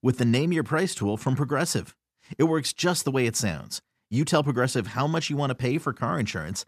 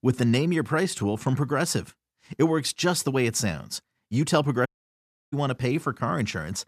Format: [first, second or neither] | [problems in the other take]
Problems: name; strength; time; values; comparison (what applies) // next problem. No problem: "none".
first | audio cutting out; at 4.5 s for 0.5 s